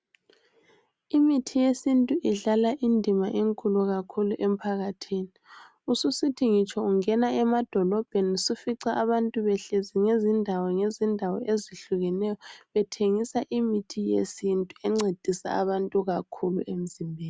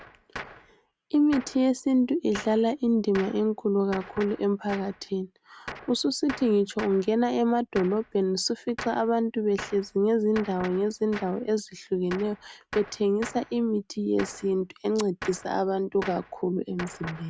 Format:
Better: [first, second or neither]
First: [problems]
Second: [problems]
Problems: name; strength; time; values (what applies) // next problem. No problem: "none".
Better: first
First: none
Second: background sound (Gunshot, gunfire); 16 dB below the speech